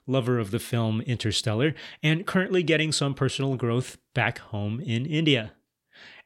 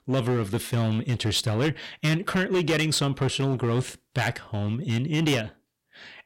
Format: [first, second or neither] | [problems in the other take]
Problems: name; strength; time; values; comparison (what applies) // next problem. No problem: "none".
first | distortion; slight; 10% of the sound clipped